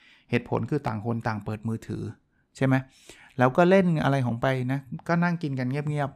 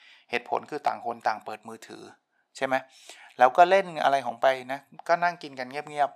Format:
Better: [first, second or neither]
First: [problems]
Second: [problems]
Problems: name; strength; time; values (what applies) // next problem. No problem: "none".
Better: first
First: none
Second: thin; very; fading below 550 Hz